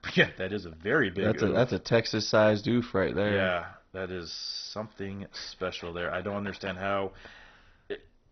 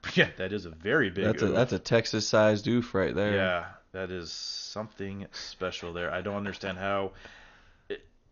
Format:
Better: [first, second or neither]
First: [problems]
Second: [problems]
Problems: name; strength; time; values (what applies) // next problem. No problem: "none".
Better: second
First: garbled, watery; badly; nothing above 6 kHz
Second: garbled, watery; slightly; nothing above 6.5 kHz